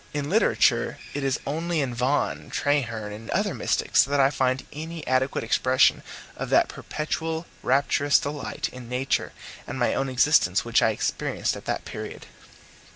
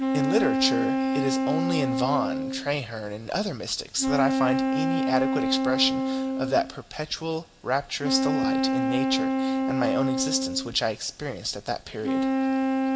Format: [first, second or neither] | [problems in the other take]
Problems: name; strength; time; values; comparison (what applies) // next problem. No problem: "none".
first | background sound (Wind instrument, woodwind instrument); 3 dB above the speech // room echo; dies away in 0.7 s